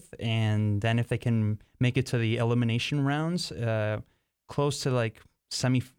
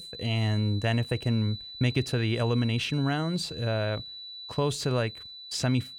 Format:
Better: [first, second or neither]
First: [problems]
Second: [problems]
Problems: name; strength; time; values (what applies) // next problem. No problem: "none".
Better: first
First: none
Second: high-pitched whine; noticeable; throughout; 4 kHz, 10 dB below the speech